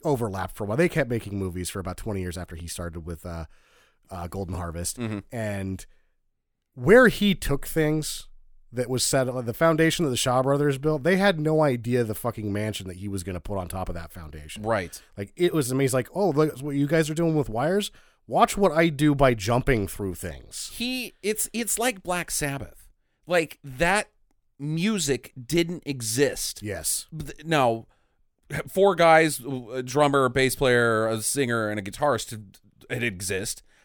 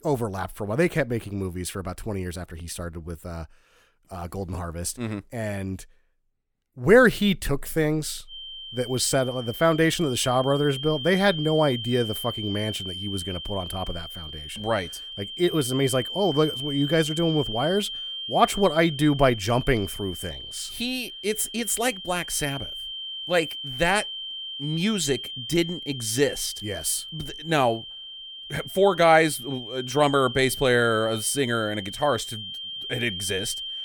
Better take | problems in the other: first | high-pitched whine; loud; from 8.5 s on; 3 kHz, 9 dB below the speech

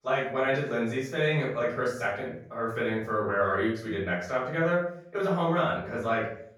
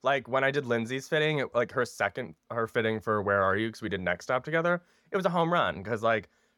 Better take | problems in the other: second | off-mic speech; far // room echo; noticeable; dies away in 0.5 s

